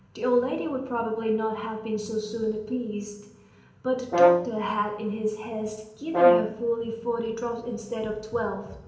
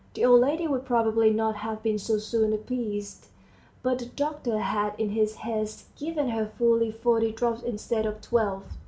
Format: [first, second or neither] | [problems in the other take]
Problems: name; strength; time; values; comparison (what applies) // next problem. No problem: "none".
second | background sound (Brass instrument); 5 dB above the speech // room echo; dies away in 0.8 s